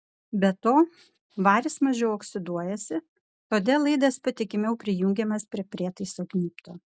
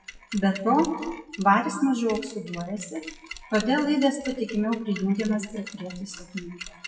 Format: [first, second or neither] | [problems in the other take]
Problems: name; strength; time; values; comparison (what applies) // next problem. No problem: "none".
first | noise reduction (classical method WPE with log-MMSE)